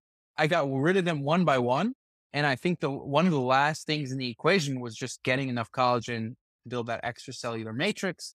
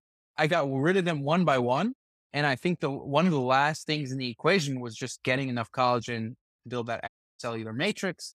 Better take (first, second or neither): first